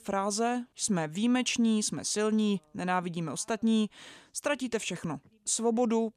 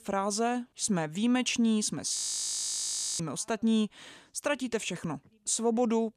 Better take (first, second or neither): first